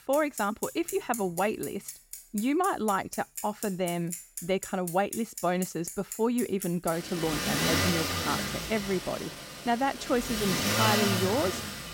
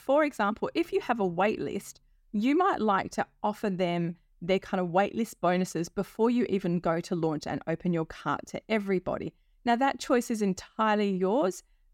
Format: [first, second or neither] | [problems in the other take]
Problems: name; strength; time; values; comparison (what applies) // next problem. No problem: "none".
second | traffic noise; loud; throughout; 2 dB below the speech